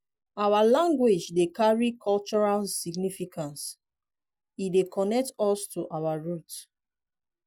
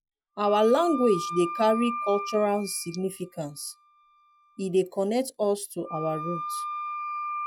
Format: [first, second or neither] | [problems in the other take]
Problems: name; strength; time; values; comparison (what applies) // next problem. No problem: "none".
first | noise reduction (classical method log-MMSE)